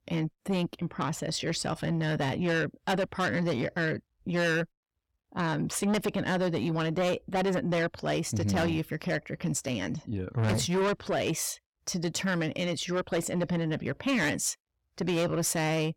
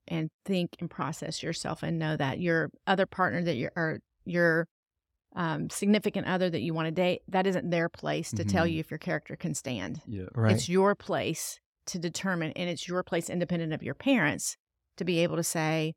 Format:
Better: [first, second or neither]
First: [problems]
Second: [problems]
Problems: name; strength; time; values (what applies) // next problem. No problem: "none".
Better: second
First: distortion; heavy; 7 dB below the speech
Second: none